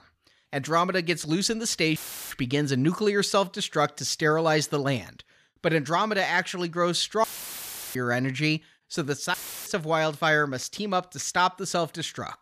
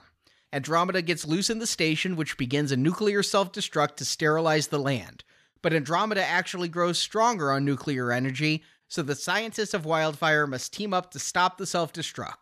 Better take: second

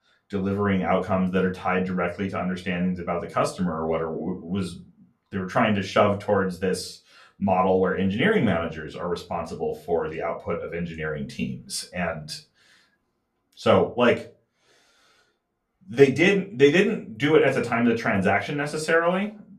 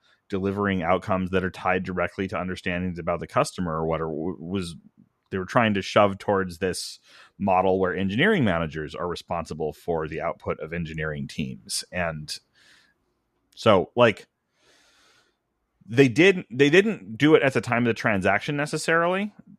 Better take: second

